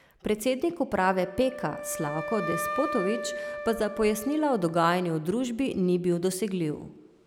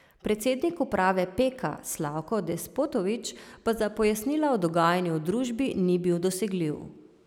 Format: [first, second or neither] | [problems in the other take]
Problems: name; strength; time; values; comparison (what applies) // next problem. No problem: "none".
second | background sound (Wind instrument, woodwind instrument); 10 dB below the speech